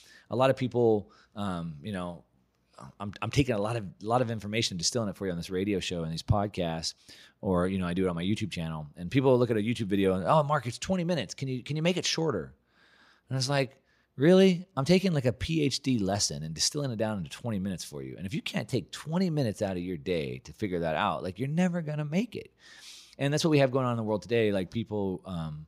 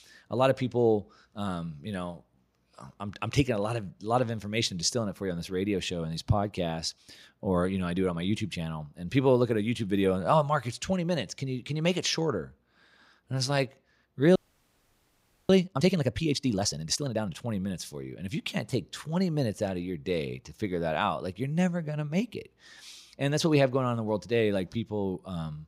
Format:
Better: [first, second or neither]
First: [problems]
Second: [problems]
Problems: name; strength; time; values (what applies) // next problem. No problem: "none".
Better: first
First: none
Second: audio freezing; at 14 s for 1 s